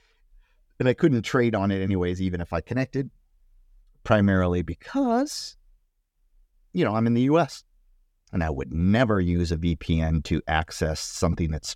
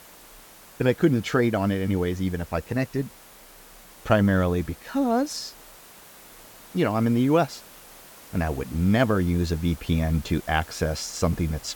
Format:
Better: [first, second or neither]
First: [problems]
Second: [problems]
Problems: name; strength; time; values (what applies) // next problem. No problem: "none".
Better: first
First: none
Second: hiss; faint; throughout; 20 dB below the speech